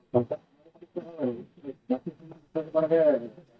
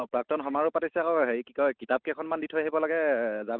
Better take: second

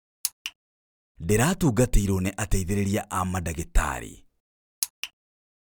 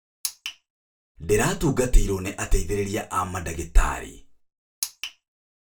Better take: first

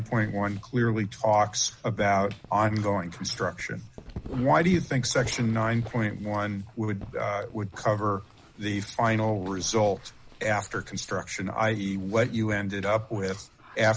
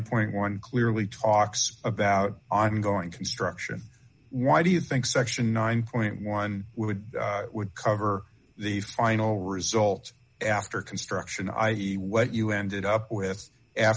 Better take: second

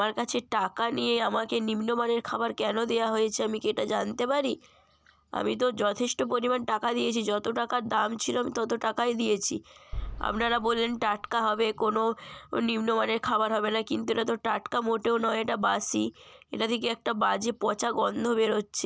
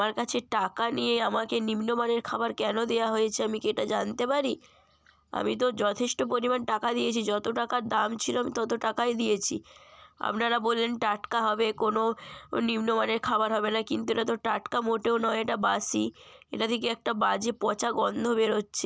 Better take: second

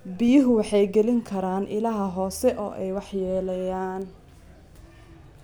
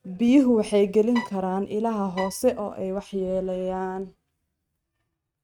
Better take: first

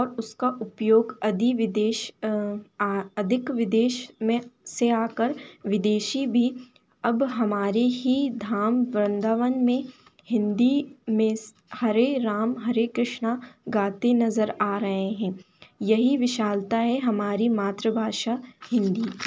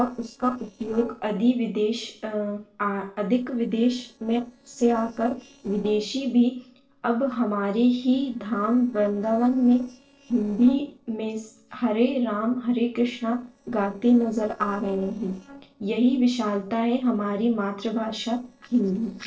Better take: first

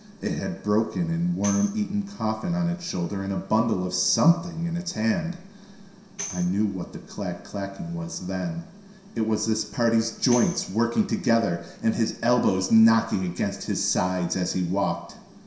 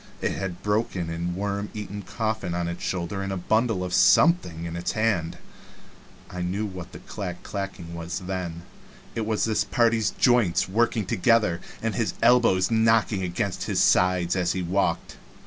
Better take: second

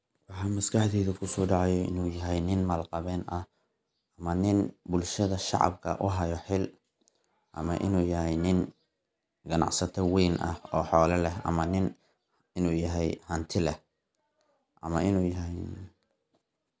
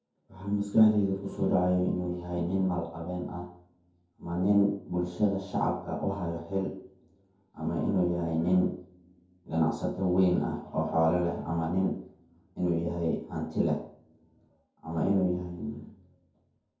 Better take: first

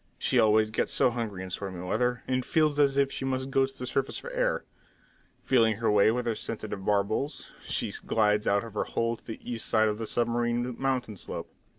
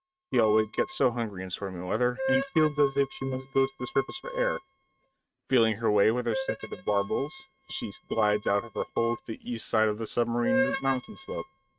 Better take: first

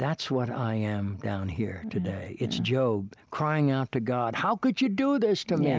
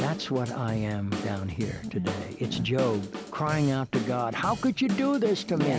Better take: first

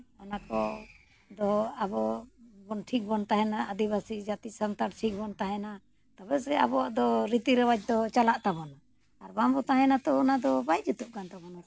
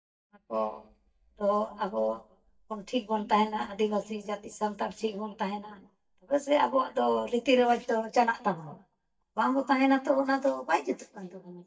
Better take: first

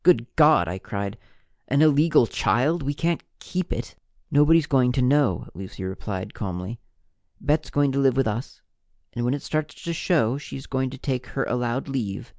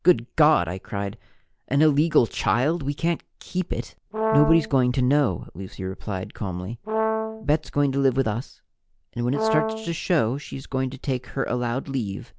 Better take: first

